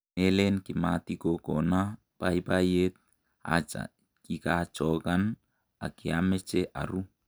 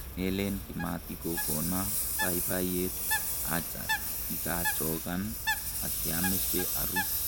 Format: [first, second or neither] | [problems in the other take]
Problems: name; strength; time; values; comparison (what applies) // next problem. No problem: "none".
first | background sound (Bird + Engine); 3 dB above the speech